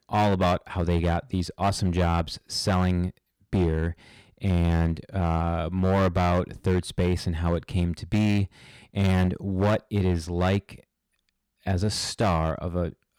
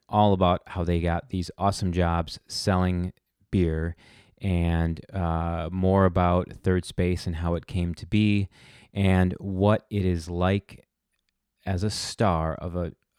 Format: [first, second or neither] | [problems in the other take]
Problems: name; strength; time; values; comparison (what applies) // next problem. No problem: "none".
second | distortion; slight; 8% of the sound clipped